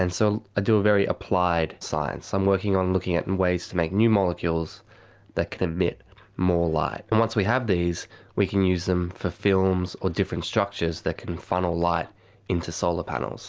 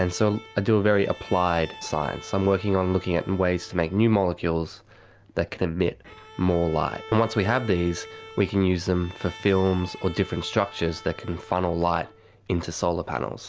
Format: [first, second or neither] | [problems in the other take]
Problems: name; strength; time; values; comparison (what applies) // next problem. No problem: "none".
first | background sound (Bowed string instrument); 19 dB below the speech